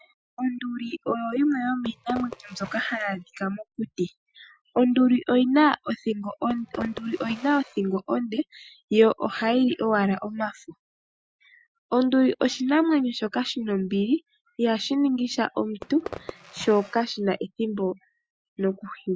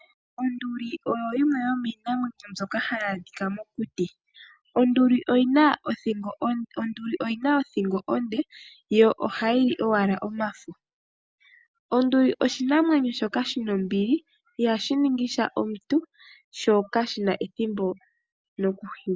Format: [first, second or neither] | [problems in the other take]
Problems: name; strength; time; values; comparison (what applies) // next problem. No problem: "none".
second | noise reduction (classical method Wiener filter)